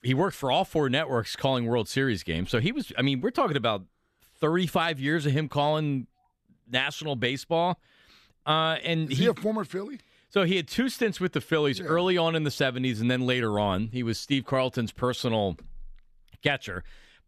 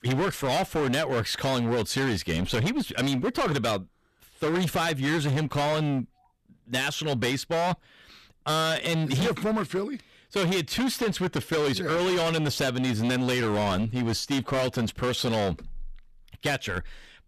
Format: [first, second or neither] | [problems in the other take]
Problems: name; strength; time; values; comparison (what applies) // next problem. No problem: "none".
first | distortion; heavy; 23% of the sound clipped